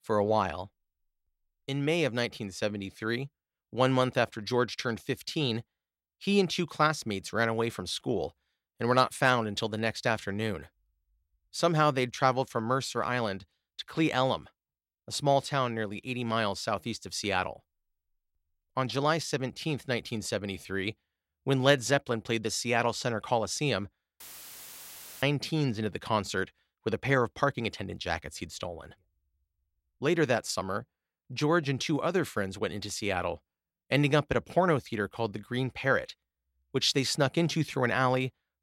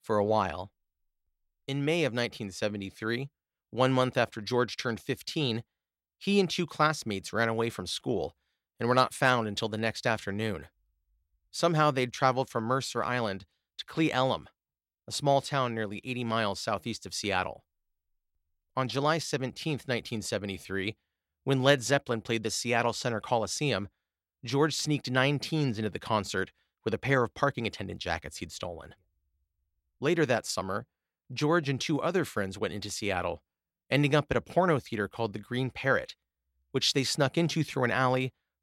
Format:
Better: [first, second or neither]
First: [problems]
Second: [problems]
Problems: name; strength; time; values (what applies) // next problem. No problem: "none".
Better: second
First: audio cutting out; filled with static; at 24 s for 1 s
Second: none